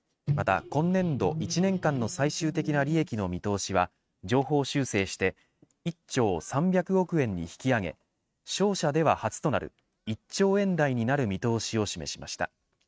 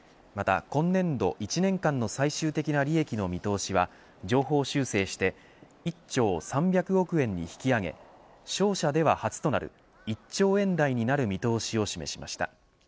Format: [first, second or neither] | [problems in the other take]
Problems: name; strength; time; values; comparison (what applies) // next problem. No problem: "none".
second | noise reduction (neural mask model RNNoise)